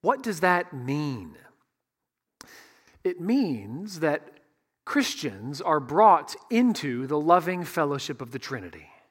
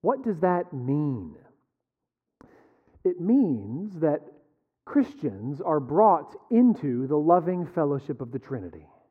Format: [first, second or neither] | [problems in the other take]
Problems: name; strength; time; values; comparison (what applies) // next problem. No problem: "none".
first | muffled; very; fading above 1.5 kHz